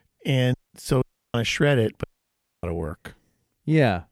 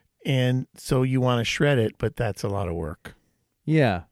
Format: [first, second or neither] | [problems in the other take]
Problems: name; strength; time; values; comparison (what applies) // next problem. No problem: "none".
second | audio cutting out; at 0.5 s, at 1 s and at 2 s for 0.5 s